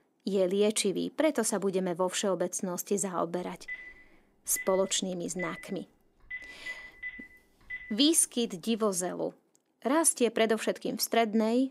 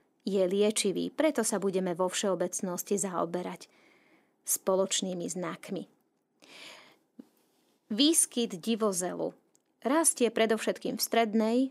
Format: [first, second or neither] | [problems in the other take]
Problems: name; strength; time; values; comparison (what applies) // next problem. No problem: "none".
second | phone ringing; faint; from 3.5 to 8 s; peak 10 dB below the speech